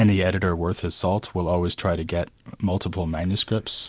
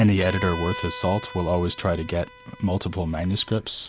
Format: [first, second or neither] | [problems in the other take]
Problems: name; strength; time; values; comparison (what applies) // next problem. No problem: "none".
first | background sound (Bowed string instrument); 15 dB below the speech